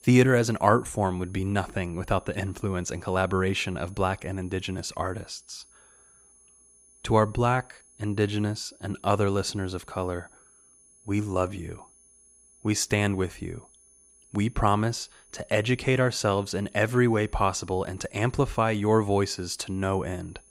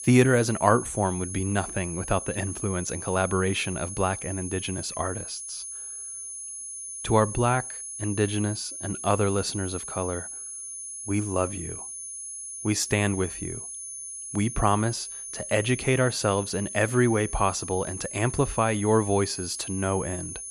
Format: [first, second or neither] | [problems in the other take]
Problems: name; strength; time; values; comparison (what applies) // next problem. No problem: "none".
first | high-pitched whine; loud; throughout; 10 kHz, 8 dB below the speech; faint in the first